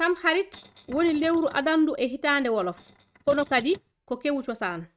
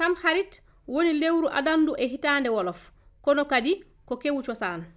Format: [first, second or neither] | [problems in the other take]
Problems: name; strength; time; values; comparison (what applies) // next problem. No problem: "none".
second | noise reduction (neural mask model RNNoise)